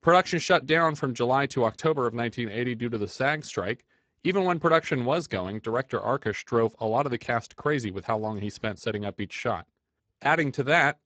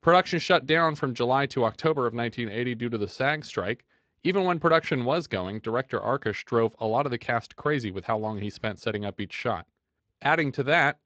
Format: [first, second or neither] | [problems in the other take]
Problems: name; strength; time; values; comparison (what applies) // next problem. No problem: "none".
second | garbled, watery; badly; nothing above 7.5 kHz; slightly in the second